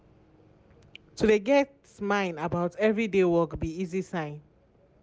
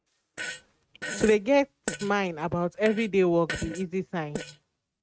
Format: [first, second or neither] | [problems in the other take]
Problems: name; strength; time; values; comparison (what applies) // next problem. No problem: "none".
first | noise reduction (neural mask model RNNoise)